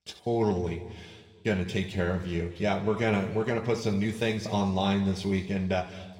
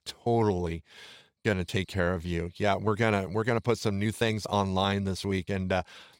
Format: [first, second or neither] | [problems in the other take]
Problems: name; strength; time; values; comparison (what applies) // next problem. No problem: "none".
second | room echo; slight; dies away in 1.6 s // off-mic speech; somewhat distant